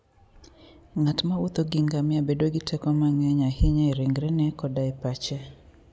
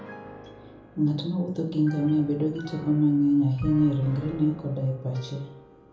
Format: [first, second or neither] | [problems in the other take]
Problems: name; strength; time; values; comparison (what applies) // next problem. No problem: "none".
first | background sound (Piano); 20 dB below the speech // room echo; dies away in 1 s